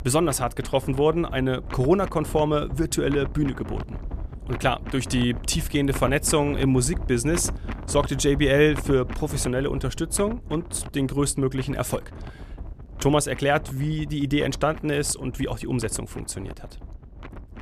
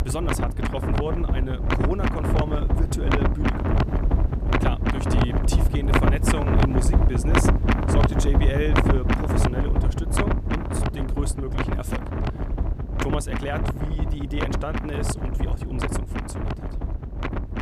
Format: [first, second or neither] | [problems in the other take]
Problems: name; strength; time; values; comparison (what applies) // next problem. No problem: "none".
first | wind noise on the microphone; heavy; 4 dB above the speech; occasional gusts in the first